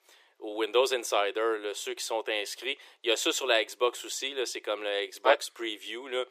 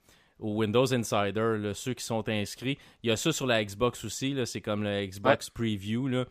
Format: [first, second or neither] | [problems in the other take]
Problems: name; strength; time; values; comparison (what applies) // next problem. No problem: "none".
second | thin; very; fading below 350 Hz